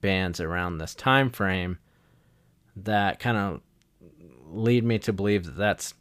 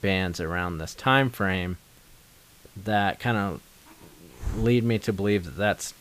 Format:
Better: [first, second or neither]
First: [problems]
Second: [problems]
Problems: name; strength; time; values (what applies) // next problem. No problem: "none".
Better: first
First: none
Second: hiss; faint; throughout; 20 dB below the speech